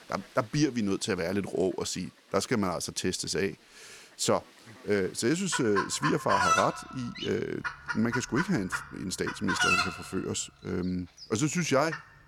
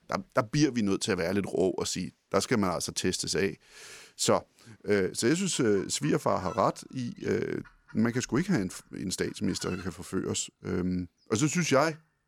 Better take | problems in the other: second | animal sounds; loud; throughout; 1 dB below the speech; faint in the second

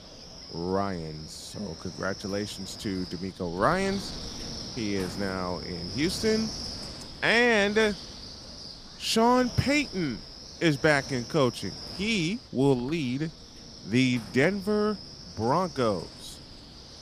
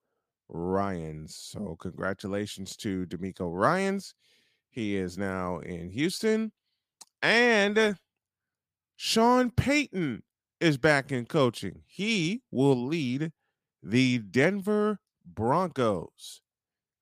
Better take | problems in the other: second | wind noise on the microphone; occasional gusts; 15 dB below the speech

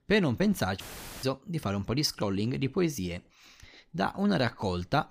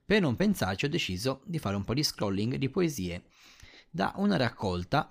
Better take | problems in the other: second | audio cutting out; filled with static; at 1 s

